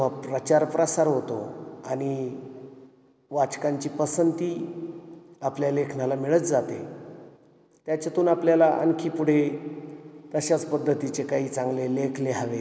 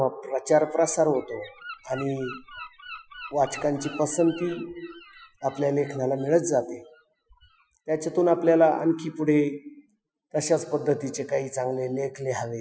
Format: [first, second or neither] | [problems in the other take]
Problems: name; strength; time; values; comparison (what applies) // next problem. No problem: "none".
first | noise reduction (classical method Wiener filter)